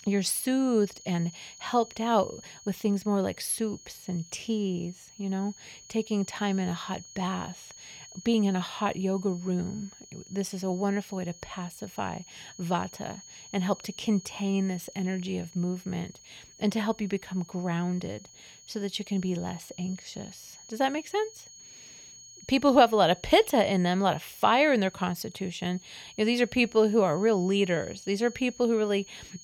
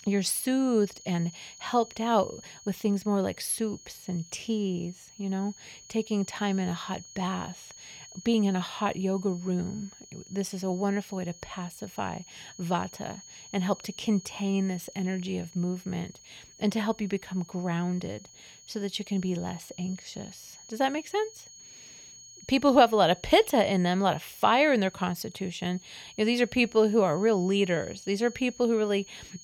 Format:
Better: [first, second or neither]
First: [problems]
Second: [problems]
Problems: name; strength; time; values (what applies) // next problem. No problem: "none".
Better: neither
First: high-pitched whine; noticeable; throughout; 6.5 kHz, 20 dB below the speech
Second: high-pitched whine; noticeable; throughout; 6.5 kHz, 20 dB below the speech